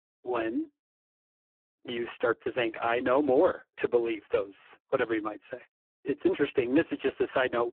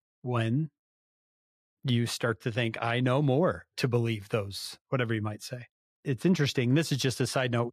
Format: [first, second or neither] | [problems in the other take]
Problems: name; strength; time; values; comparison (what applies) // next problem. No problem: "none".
second | phone-call audio; poor line